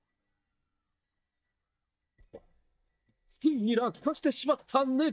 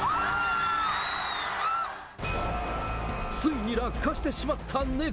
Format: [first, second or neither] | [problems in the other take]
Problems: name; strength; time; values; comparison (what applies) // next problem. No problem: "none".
second | noise reduction (neural mask model DeepFilterNet 3)